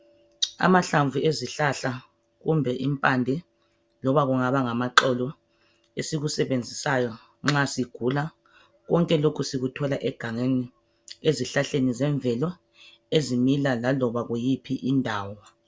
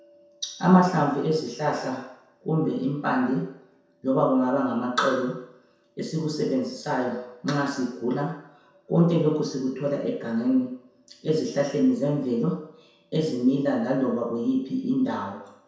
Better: first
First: none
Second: room echo; dies away in 0.7 s

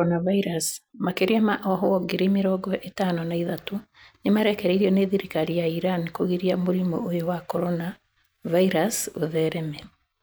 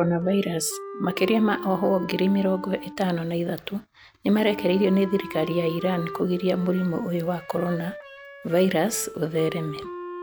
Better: first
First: none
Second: background sound (Wind instrument, woodwind instrument); 13 dB below the speech

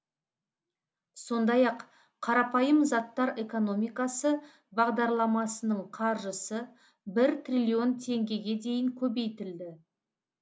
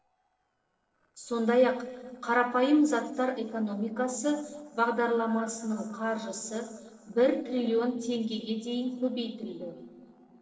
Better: first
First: none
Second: noise reduction (neural separator model SepFormer DNS4)

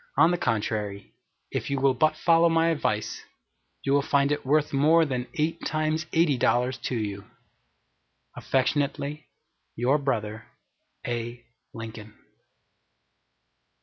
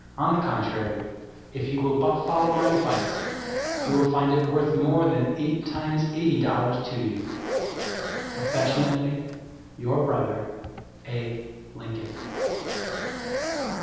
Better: first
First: none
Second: background sound (Zipper (clothing)); 7 dB below the speech // room echo; dies away in 1.2 s

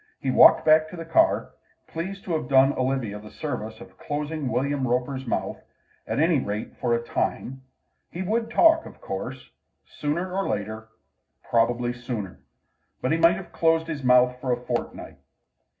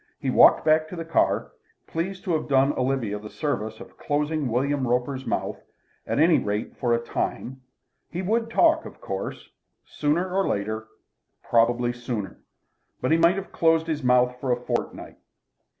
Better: second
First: room echo; dies away in 0.4 s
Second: none

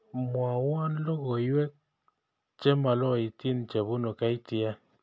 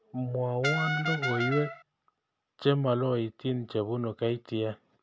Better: first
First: none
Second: background sound (Brass instrument); 2 dB below the speech

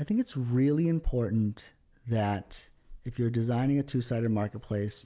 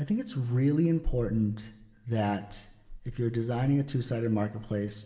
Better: first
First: none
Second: room echo; dies away in 0.9 s

